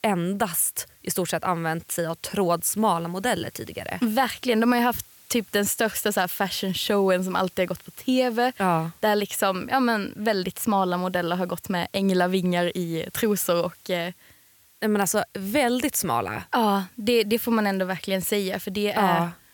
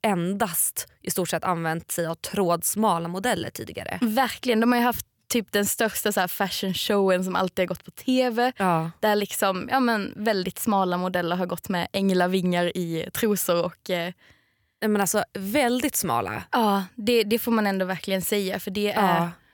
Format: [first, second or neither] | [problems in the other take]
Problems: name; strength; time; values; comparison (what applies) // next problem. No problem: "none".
second | hiss; faint; throughout; 25 dB below the speech